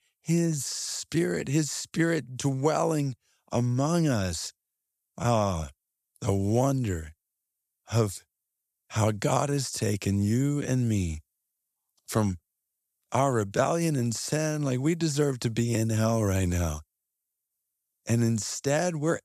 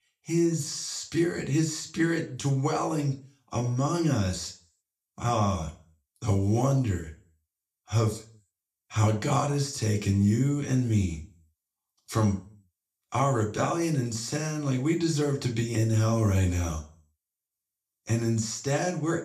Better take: first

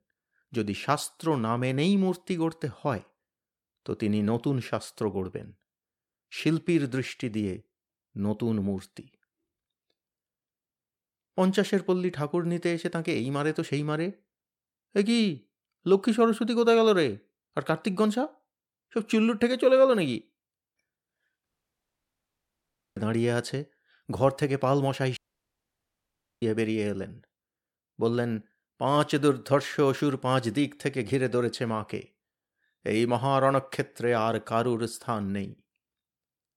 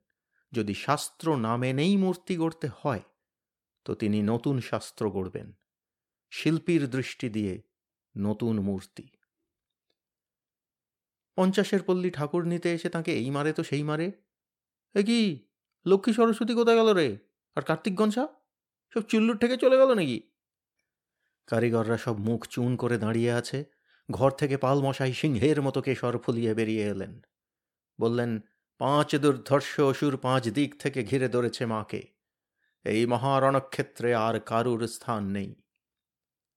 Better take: second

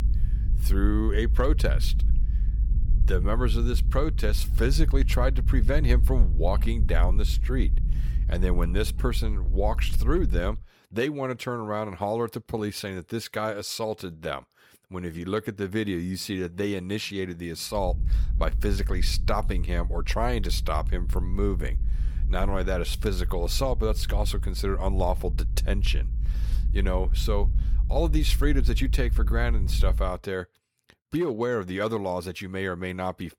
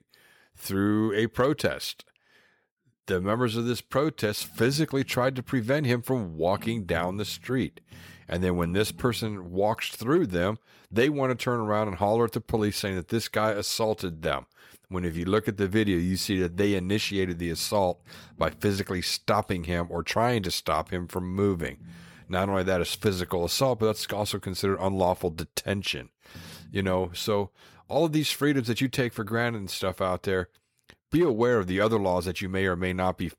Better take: second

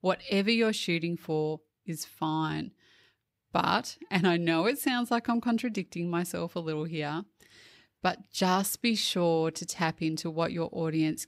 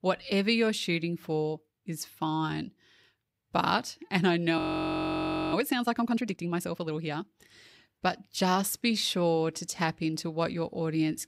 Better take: first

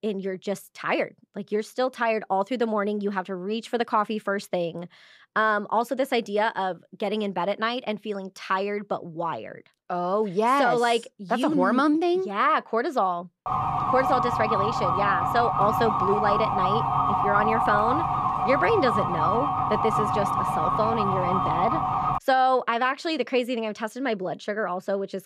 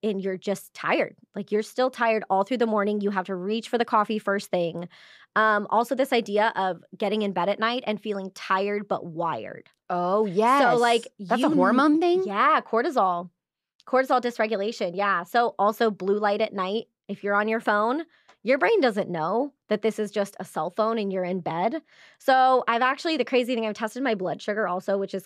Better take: second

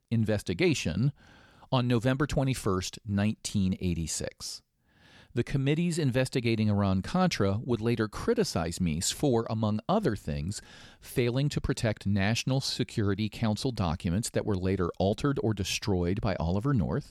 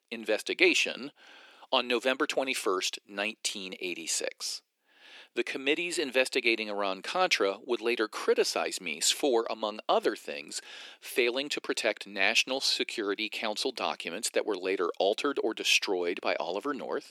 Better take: first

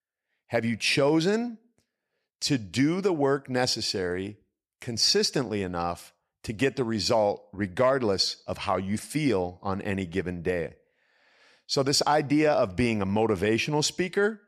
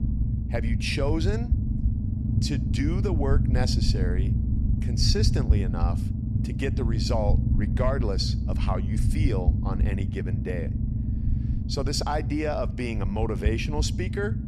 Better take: first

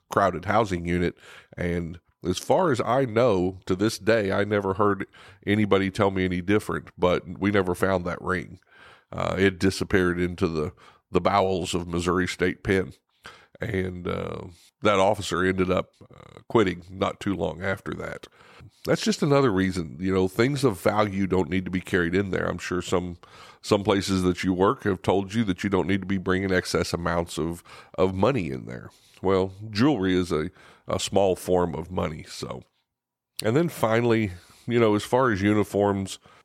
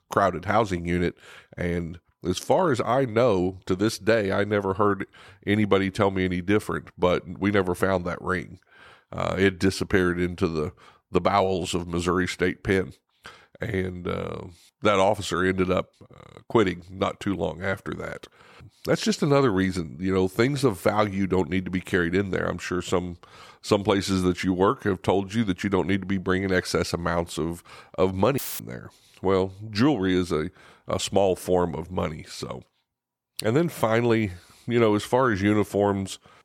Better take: first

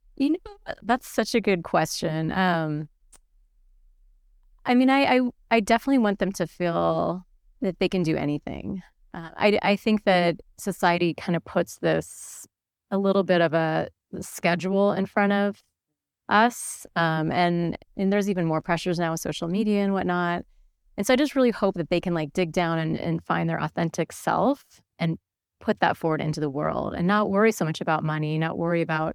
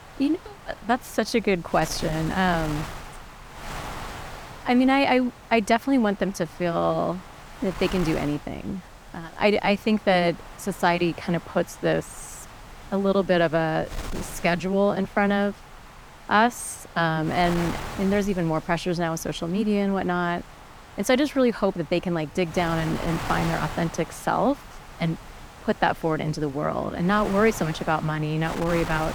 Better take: first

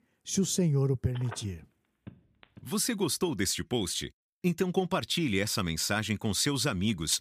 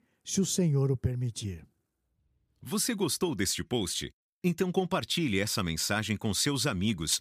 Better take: second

